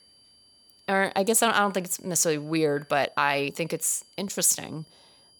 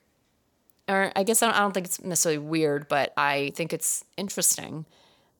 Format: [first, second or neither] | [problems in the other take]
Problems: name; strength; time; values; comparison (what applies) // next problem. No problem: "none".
second | high-pitched whine; faint; throughout; 4.5 kHz, 30 dB below the speech